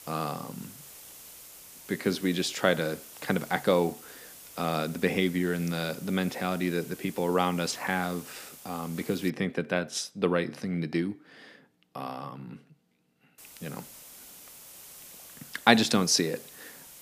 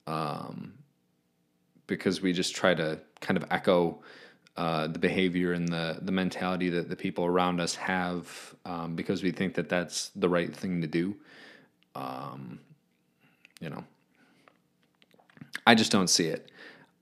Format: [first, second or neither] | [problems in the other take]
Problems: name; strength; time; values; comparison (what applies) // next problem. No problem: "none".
second | hiss; noticeable; until 9.5 s and from 13 s on; 15 dB below the speech